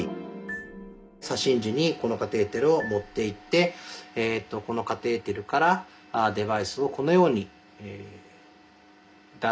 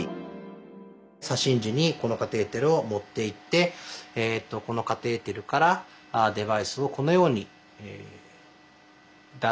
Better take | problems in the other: second | background sound (Marimba, xylophone); 19 dB below the speech // room echo; dies away in 0.3 s

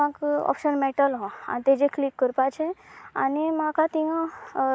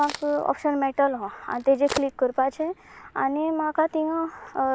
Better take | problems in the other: first | background sound (Crack); 16 dB below the speech

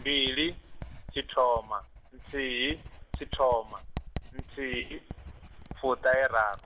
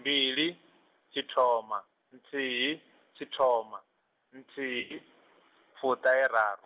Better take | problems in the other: second | background sound (Writing); 12 dB below the speech

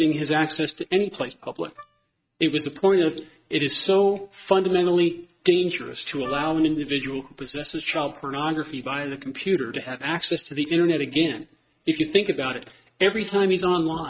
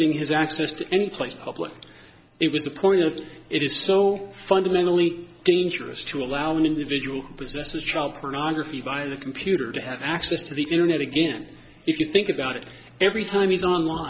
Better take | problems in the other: second | noise reduction (neural mask model RNNoise)

